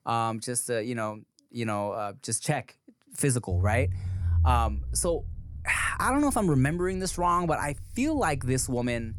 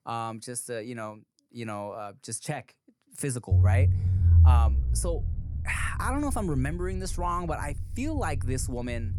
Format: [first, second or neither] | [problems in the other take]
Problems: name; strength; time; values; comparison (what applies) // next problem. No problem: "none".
first | low rumble; loud; from 3.5 s on; 9 dB below the speech; faint in the first